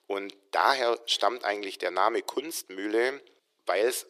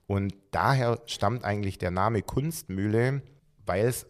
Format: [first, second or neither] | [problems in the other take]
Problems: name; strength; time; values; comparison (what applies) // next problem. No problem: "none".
second | thin; very; fading below 350 Hz